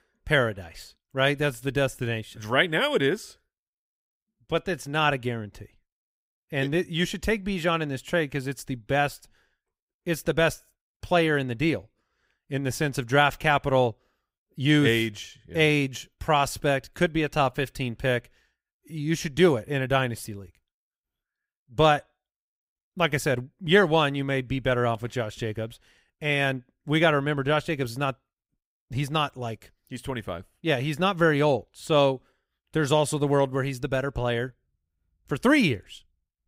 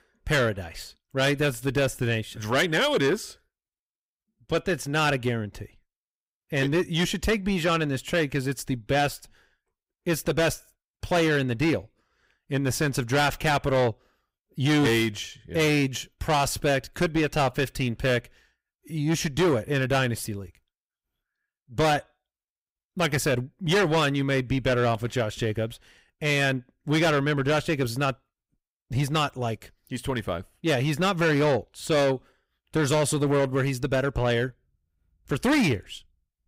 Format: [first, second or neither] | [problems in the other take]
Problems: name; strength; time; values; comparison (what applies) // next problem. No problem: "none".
first | distortion; heavy; 7 dB below the speech